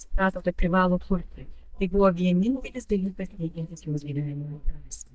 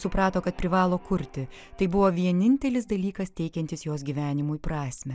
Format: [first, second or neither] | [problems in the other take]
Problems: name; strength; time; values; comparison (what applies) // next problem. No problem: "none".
second | noise reduction (neural mask model DeepFilterNet 3)